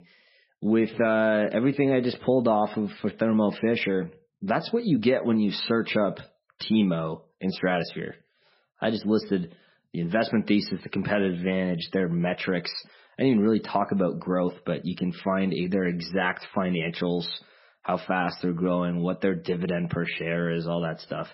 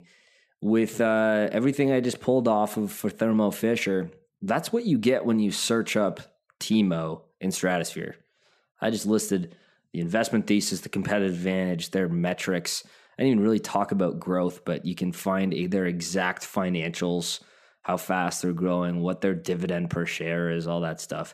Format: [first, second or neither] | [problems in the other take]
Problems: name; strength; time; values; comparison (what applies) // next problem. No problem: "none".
second | garbled, watery; badly; nothing above 5.5 kHz